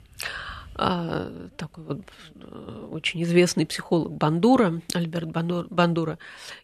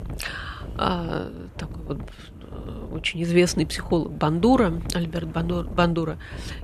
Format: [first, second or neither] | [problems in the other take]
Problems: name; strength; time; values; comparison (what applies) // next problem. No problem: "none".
first | wind noise on the microphone; occasional gusts; 20 dB below the speech